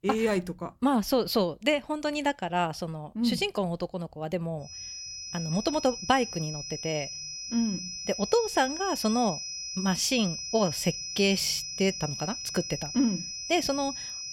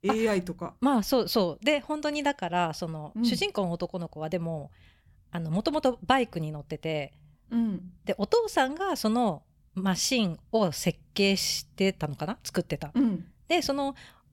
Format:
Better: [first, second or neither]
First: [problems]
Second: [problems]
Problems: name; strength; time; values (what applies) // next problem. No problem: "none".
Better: second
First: high-pitched whine; loud; from 4.5 s on; 5 kHz, 6 dB below the speech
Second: none